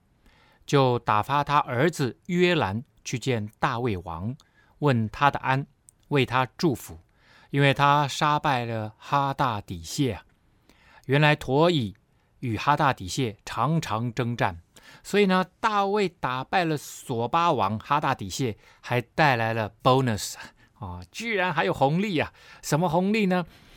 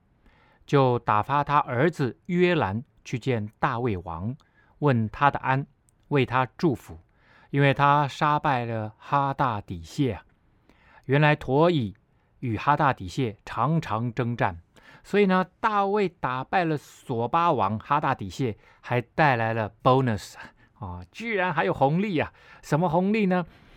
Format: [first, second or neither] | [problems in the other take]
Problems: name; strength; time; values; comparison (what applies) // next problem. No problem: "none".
first | muffled; slightly; fading above 3.5 kHz